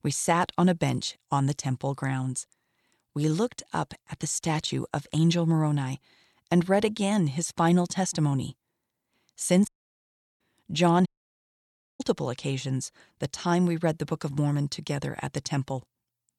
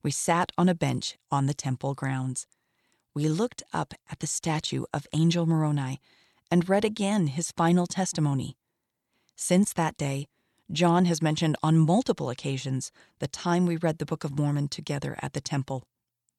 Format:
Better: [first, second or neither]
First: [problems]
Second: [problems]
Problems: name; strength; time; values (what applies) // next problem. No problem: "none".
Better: second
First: audio cutting out; at 9.5 s for 0.5 s and at 11 s for 1 s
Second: none